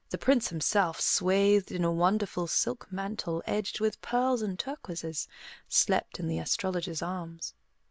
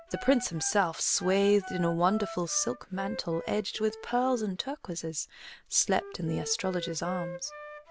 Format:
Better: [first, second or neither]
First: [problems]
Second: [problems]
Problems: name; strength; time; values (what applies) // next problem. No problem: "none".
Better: first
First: none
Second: background sound (Wind instrument, woodwind instrument); 14 dB below the speech